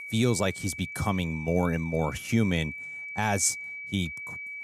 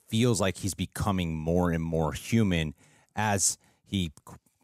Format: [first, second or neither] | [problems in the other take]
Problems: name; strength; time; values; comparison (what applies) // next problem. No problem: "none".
second | high-pitched whine; loud; throughout; 2.5 kHz, 9 dB below the speech